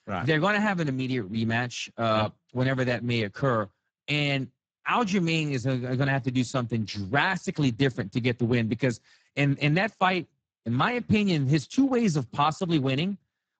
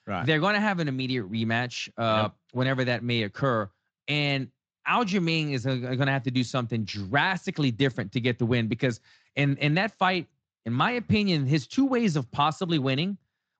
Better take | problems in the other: second | garbled, watery; badly; nothing above 7.5 kHz; slightly in the second

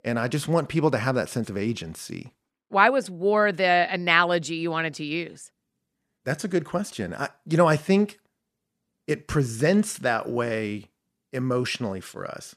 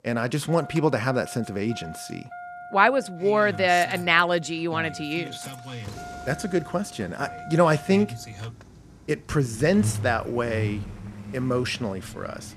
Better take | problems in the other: first | traffic noise; noticeable; throughout; 15 dB below the speech

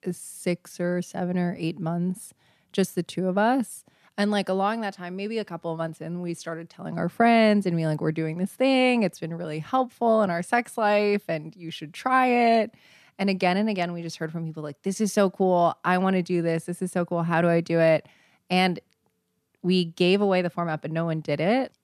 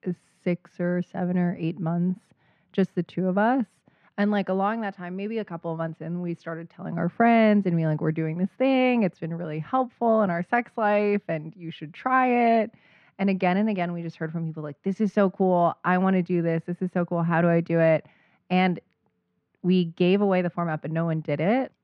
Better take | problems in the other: first | muffled; slightly; fading above 2 kHz

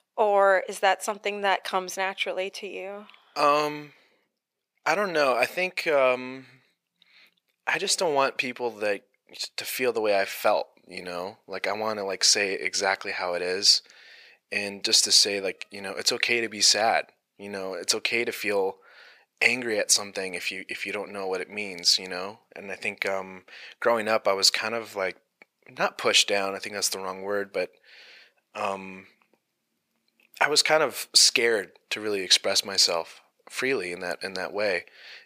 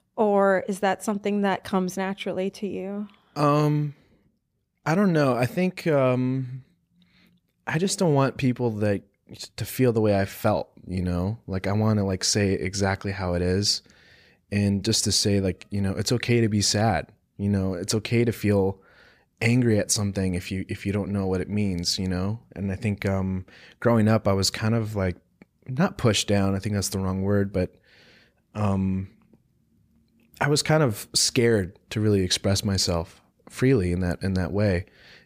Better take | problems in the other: second | thin; very; fading below 650 Hz

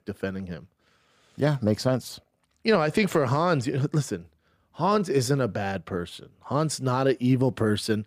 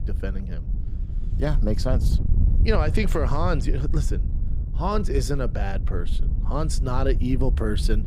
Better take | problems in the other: first | wind noise on the microphone; occasional gusts; 15 dB below the speech

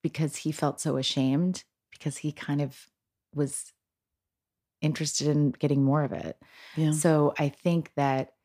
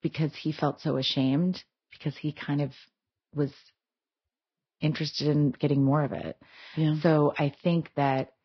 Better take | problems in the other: first | garbled, watery; badly; nothing above 5.5 kHz

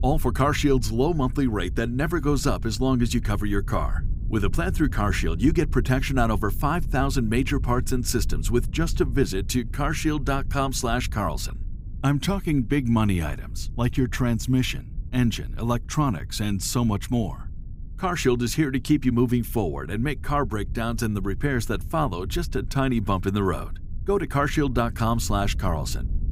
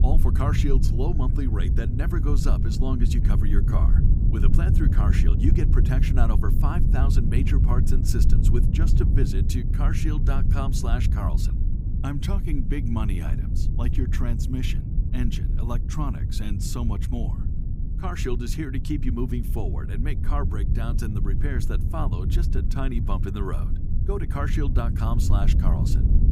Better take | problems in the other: first | low rumble; loud; throughout; 4 dB below the speech; faint in the first

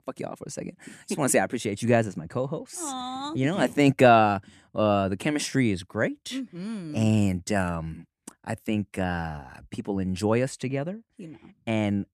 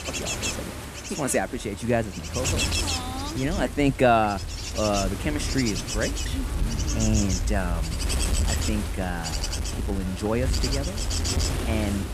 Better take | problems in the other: first | wind noise on the microphone; heavy; 3 dB below the speech

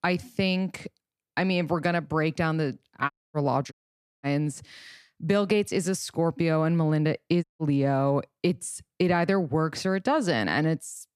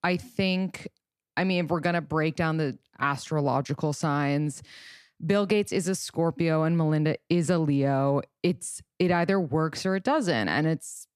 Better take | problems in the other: second | audio cutting out; at 3 s, at 3.5 s for 0.5 s and at 7.5 s

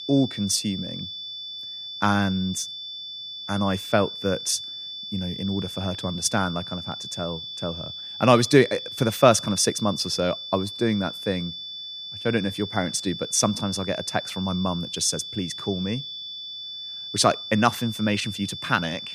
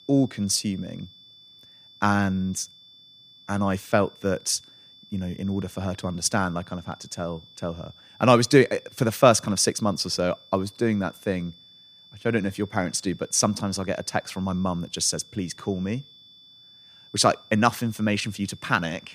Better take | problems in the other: second | high-pitched whine; loud; throughout; 3.5 kHz, 8 dB below the speech; faint in the second

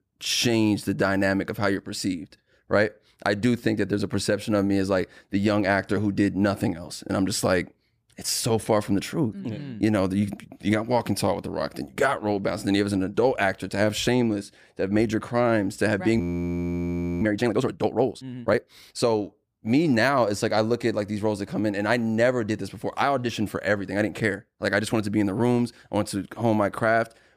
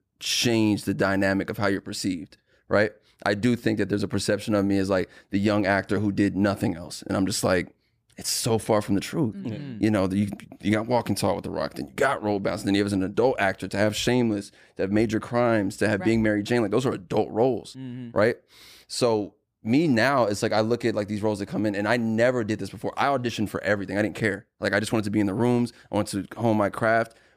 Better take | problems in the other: second | audio freezing; at 16 s for 1 s

